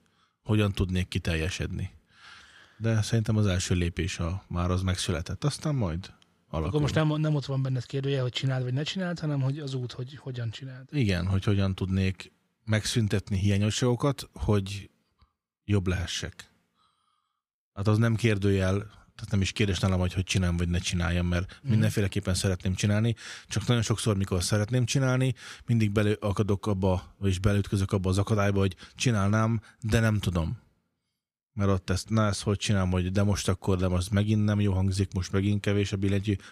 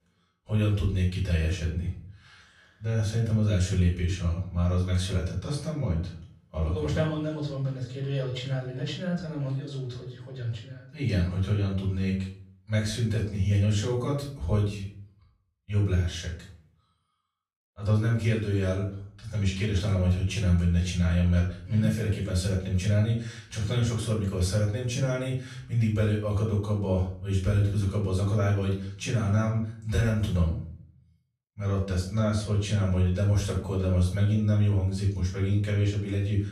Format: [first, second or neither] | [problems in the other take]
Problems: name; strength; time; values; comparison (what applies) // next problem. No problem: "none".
first | off-mic speech; far // room echo; noticeable; dies away in 0.5 s